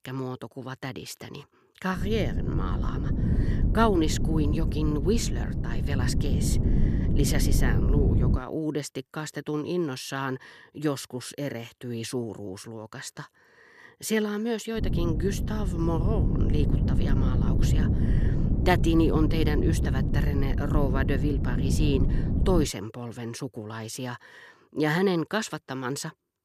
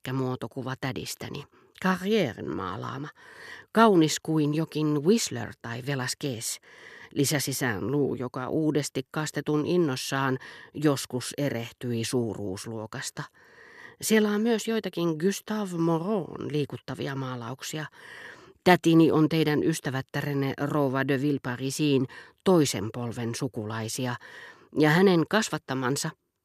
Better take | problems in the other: second | wind noise on the microphone; heavy; from 2 to 8.5 s and from 15 to 23 s; 5 dB below the speech

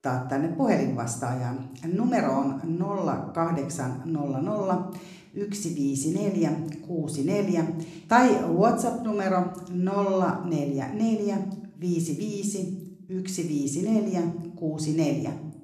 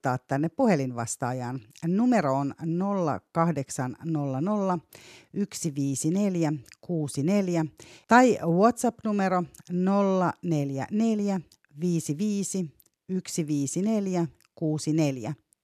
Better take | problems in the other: second | room echo; slight; dies away in 0.6 s

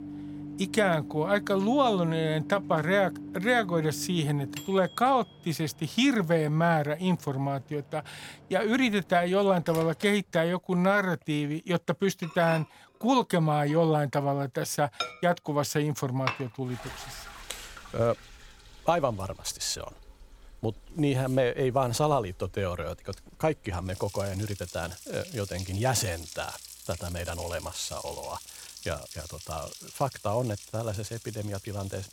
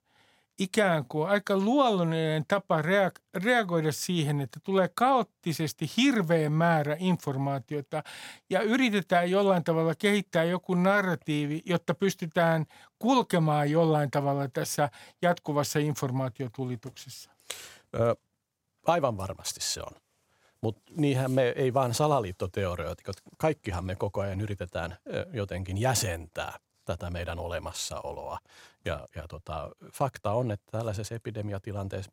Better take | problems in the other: second | household noises; noticeable; throughout; 15 dB below the speech

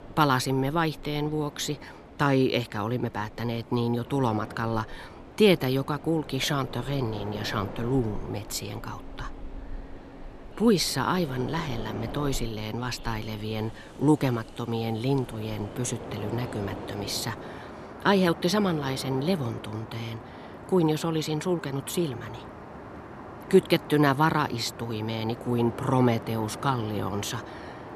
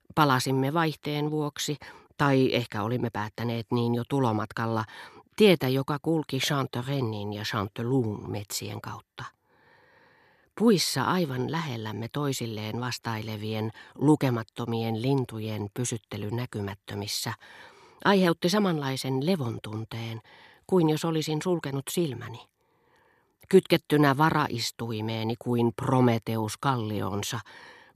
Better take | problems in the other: second | train or aircraft noise; noticeable; throughout; 15 dB below the speech

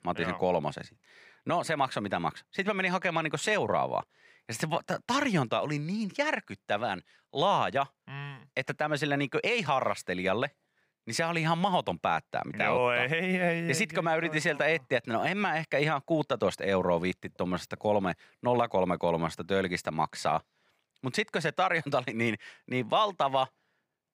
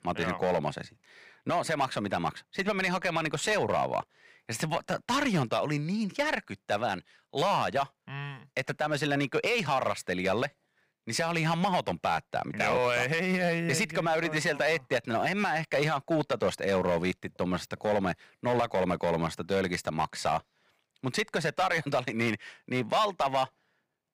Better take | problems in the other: first | distortion; slight; 5% of the sound clipped

